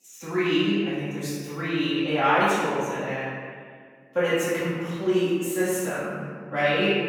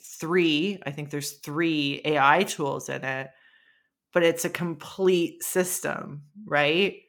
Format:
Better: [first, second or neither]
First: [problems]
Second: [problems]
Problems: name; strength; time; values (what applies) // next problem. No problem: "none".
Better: second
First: room echo; strong; dies away in 1.7 s // off-mic speech; far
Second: none